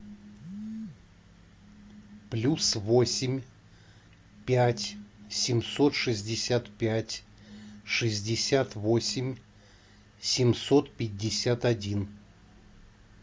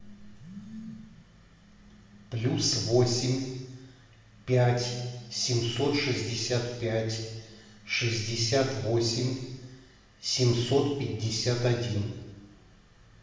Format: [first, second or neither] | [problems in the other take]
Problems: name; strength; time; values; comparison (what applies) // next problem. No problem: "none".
first | room echo; dies away in 1.1 s